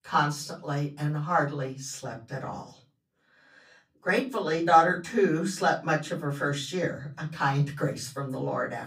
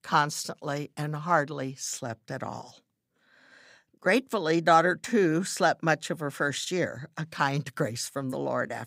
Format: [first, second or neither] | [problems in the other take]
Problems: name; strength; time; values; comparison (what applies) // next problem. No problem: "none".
second | off-mic speech; far // room echo; very slight; dies away in 0.3 s